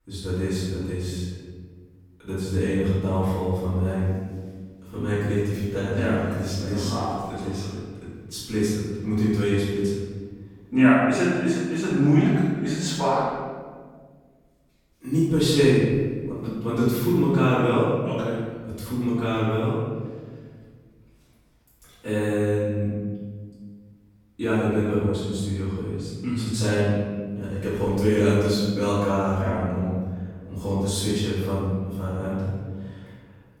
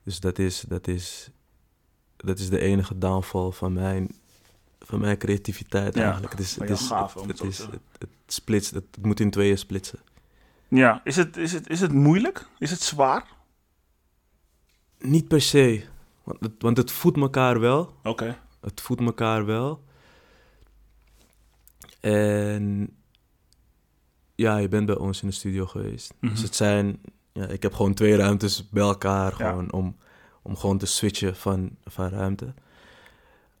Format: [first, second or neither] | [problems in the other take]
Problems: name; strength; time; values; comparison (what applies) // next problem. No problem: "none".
second | room echo; strong; dies away in 1.6 s // off-mic speech; far